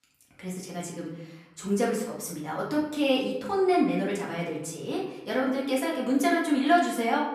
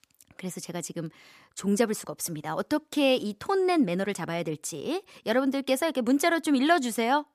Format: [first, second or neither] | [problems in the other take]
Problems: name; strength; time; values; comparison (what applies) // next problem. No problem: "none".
second | off-mic speech; far // room echo; noticeable; dies away in 0.8 s